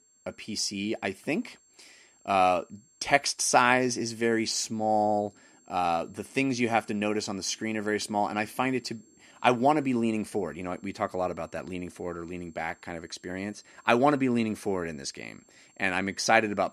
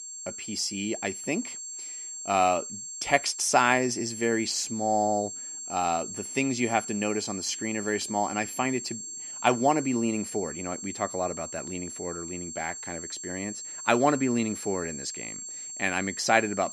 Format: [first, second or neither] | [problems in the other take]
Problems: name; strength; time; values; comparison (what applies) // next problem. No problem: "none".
first | high-pitched whine; loud; throughout; 7.5 kHz, 8 dB below the speech; faint in the first